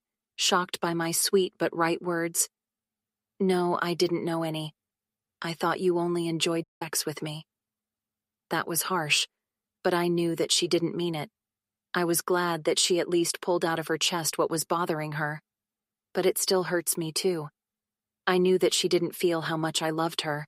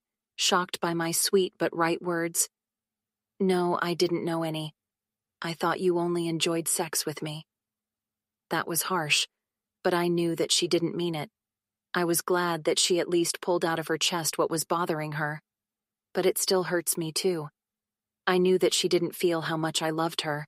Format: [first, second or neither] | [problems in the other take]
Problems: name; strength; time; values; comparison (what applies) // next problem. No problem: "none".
second | audio cutting out; at 6.5 s